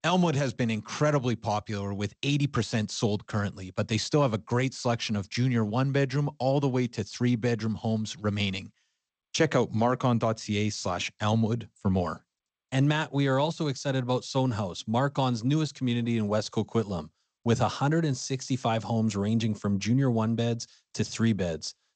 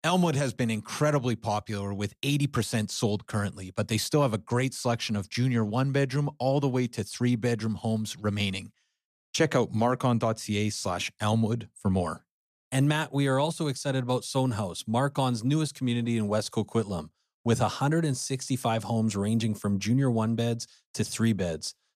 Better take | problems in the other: second | garbled, watery; slightly; nothing above 8 kHz

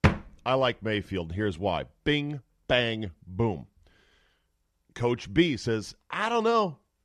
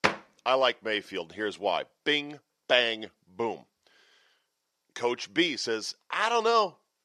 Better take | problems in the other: first | thin; somewhat; fading below 450 Hz

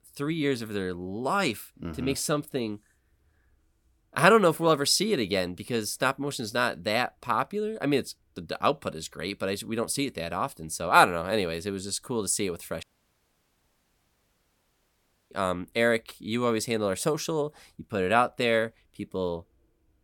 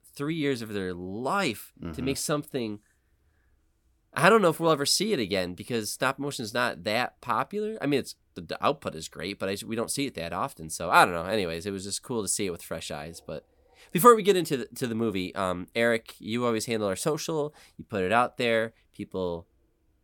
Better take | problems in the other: second | audio cutting out; at 13 s for 2.5 s

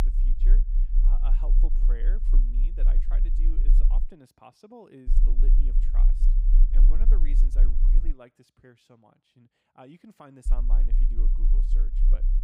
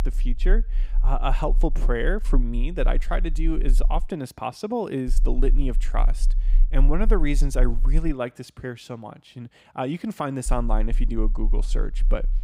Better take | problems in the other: second | low rumble; loud; until 4 s, from 5 to 8 s and from 10 s on; 2 dB below the speech; faint in the second

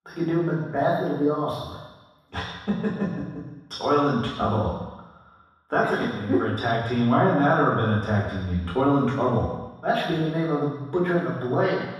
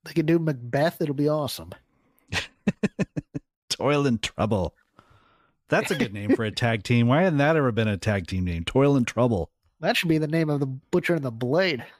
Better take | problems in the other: second | room echo; strong; dies away in 1.2 s // off-mic speech; far

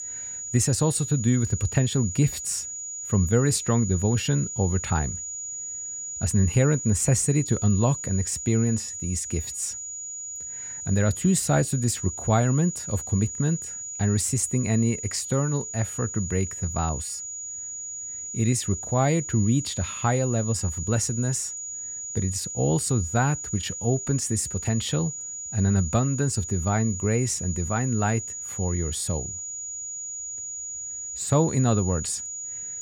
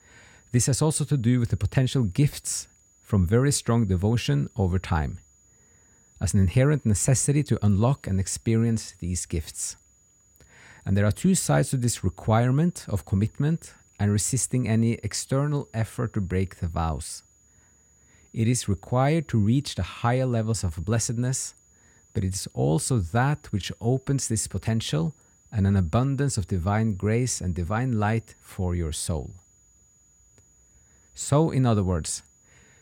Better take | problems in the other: second | high-pitched whine; loud; throughout; 7 kHz, 7 dB below the speech; faint in the second

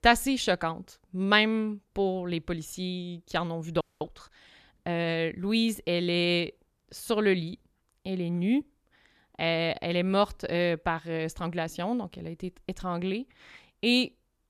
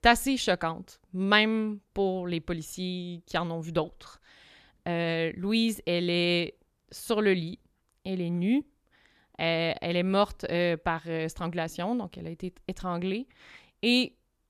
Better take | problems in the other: second | audio freezing; at 4 s

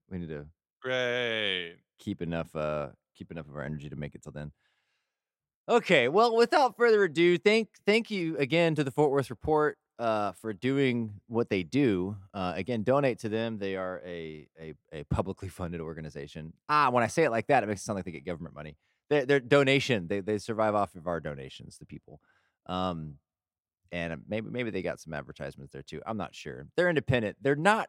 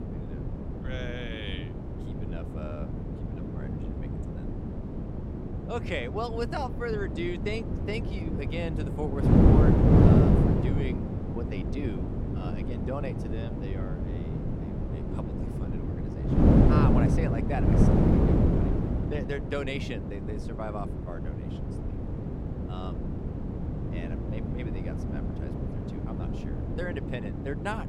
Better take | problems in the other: first | wind noise on the microphone; heavy; 2 dB above the speech

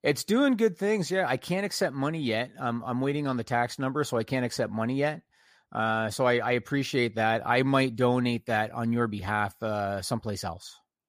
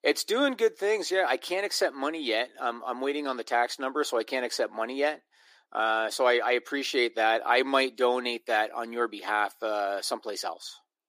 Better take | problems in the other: first | thin; somewhat; fading below 300 Hz

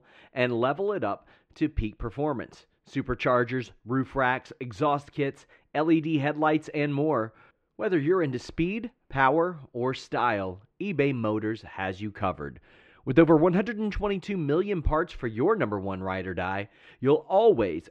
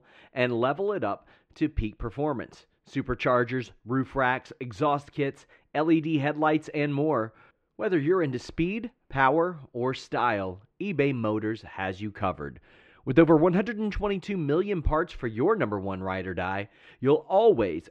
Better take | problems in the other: neither | muffled; slightly; fading above 2.5 kHz; the same in both

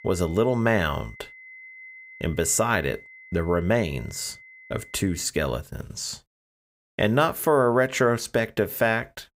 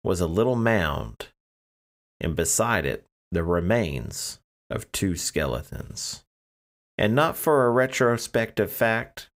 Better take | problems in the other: second | high-pitched whine; faint; until 5 s; 2 kHz, 20 dB below the speech

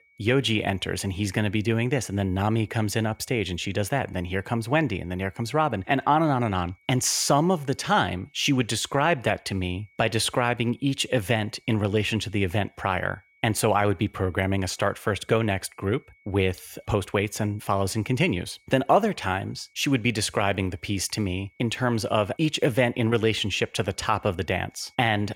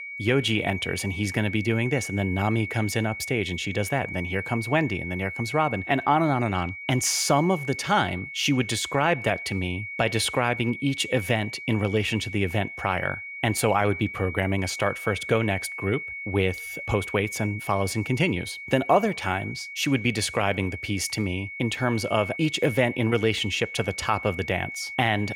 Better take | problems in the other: first | high-pitched whine; loud; throughout; 2 kHz, 9 dB below the speech; faint in the first

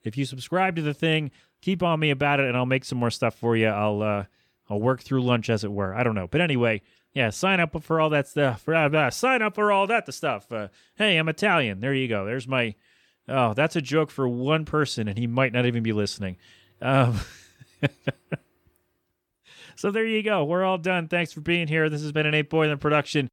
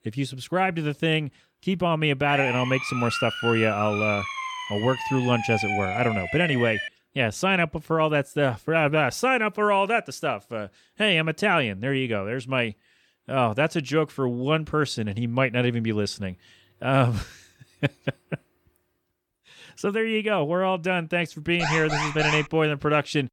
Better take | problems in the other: first | siren; noticeable; from 2.5 to 7 s; peak 1 dB below the speech // alarm; noticeable; at 22 s; peak 2 dB below the speech

